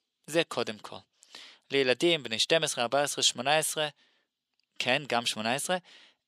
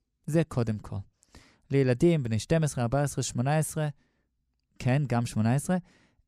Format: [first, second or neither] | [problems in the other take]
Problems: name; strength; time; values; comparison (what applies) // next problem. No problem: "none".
second | thin; very; fading below 500 Hz